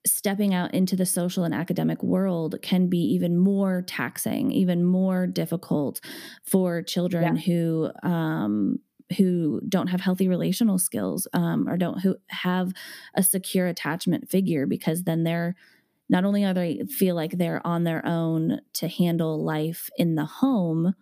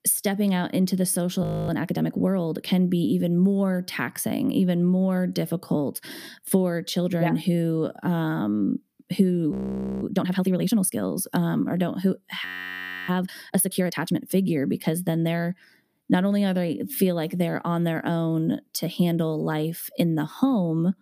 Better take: first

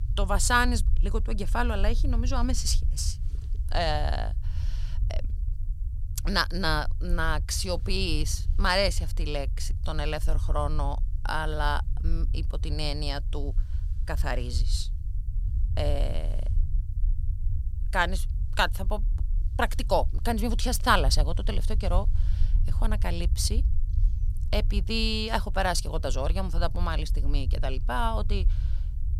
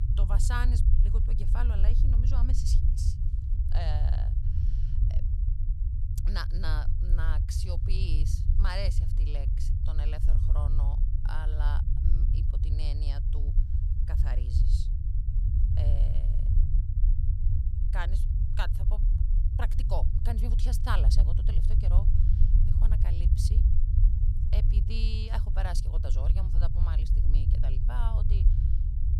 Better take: first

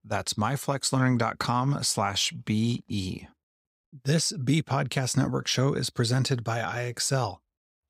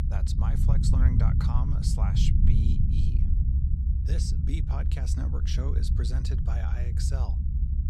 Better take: first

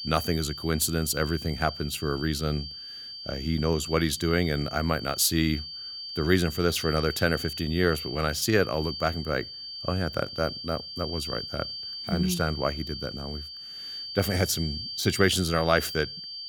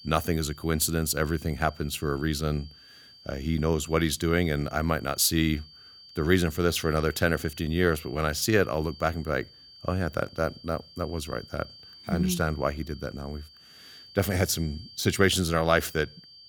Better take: second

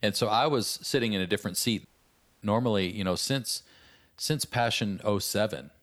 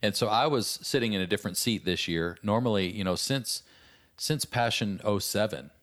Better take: second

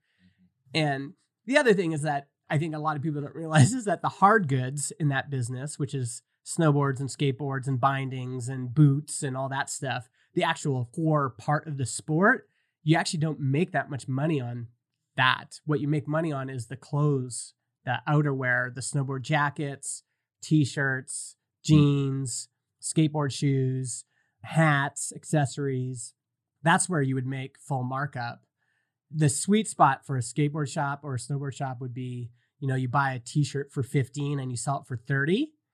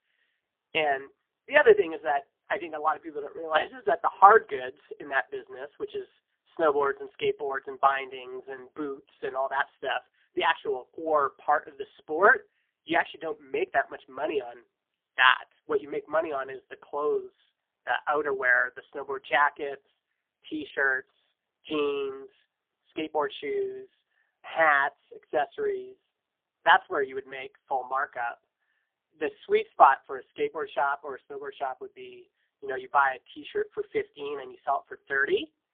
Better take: first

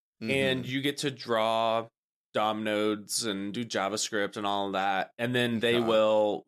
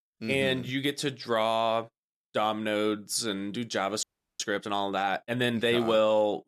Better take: first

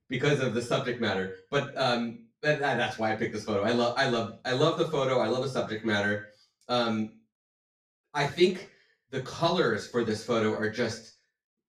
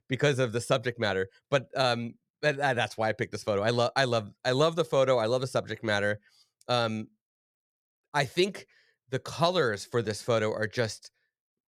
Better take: second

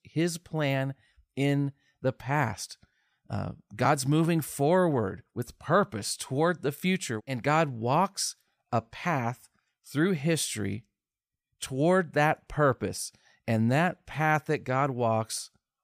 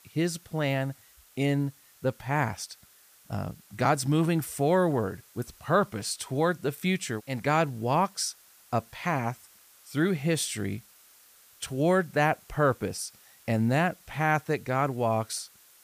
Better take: first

